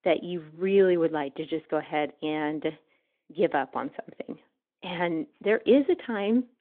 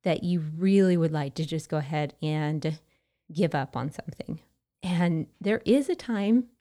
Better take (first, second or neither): second